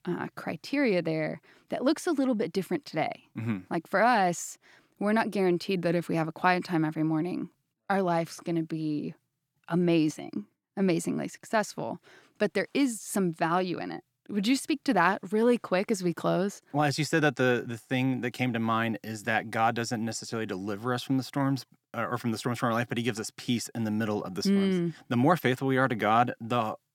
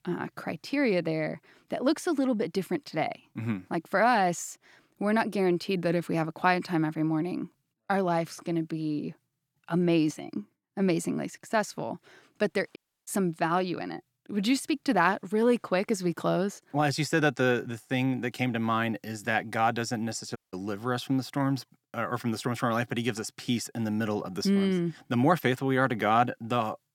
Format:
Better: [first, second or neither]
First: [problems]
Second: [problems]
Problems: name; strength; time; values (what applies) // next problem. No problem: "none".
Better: first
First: none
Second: audio cutting out; at 13 s and at 20 s